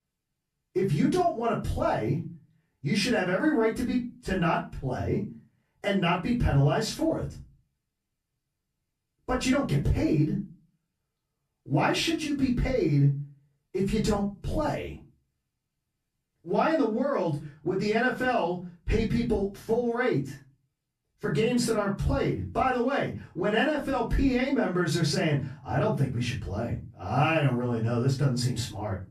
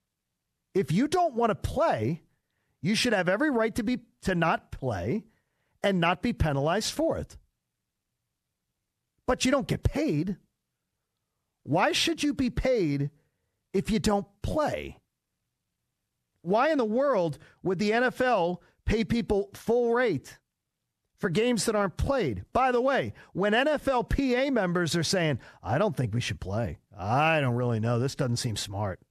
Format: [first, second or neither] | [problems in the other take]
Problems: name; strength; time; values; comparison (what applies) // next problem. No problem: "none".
second | off-mic speech; far // room echo; slight; dies away in 0.3 s